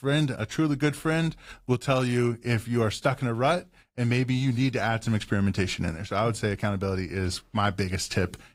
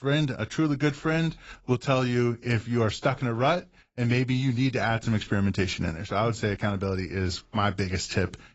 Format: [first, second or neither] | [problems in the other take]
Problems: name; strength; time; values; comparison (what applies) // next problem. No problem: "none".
first | garbled, watery; badly; nothing above 7.5 kHz; slightly in the first